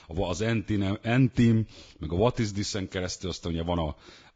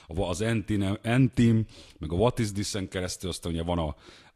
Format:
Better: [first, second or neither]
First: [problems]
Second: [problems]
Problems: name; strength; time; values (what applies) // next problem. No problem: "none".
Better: second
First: garbled, watery; badly; nothing above 7.5 kHz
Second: garbled, watery; slightly